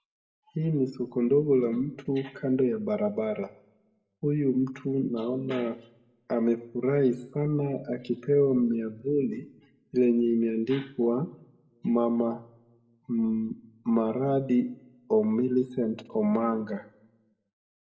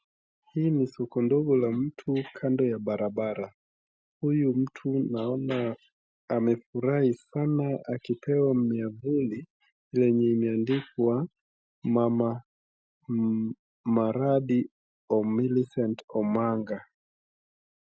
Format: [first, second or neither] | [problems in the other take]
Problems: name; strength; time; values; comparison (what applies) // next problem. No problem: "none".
second | room echo; dies away in 0.6 s